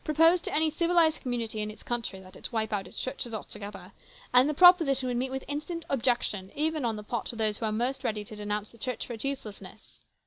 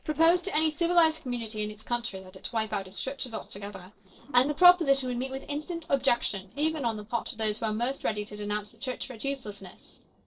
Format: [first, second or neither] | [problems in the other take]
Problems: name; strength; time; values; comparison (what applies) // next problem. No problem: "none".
first | noise reduction (neural separator model SepFormer DNS4)